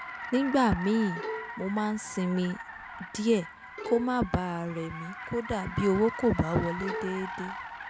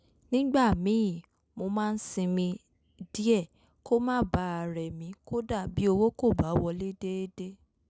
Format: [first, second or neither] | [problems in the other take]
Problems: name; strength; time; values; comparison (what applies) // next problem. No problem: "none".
second | background sound (Car + Bowed string instrument); 10 dB below the speech